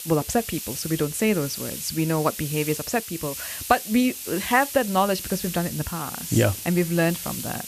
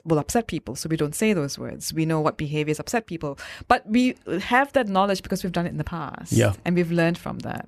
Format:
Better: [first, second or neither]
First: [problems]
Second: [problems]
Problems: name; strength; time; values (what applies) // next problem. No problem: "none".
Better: second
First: hiss; loud; throughout; 7 dB below the speech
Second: none